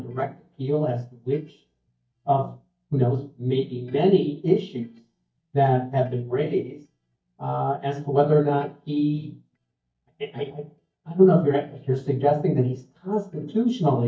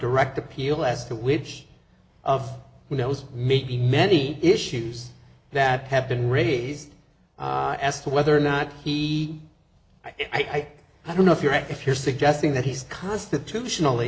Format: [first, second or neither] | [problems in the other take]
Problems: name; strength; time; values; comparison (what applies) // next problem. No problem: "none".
second | noise reduction (neural mask model DeepFilterNet 3)